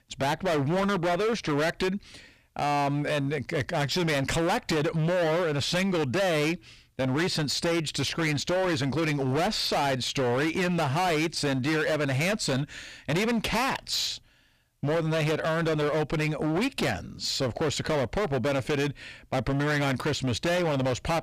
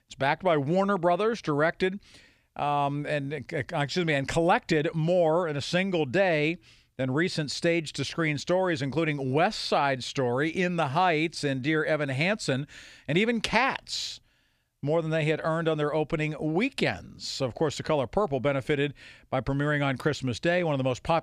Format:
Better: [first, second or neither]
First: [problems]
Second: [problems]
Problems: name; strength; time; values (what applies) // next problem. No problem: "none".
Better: second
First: distortion; heavy; 27% of the sound clipped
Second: none